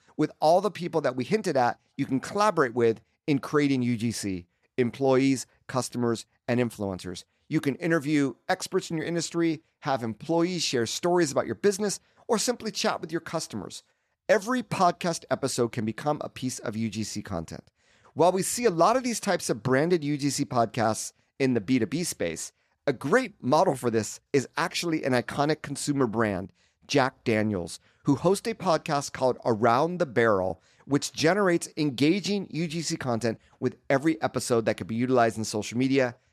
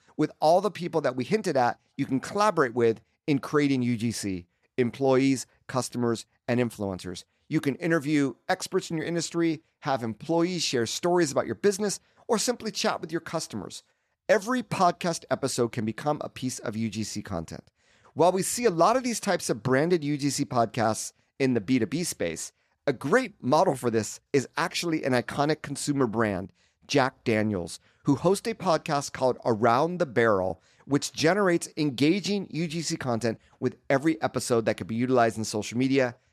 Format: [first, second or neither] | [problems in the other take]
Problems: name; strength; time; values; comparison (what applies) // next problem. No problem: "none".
neither | none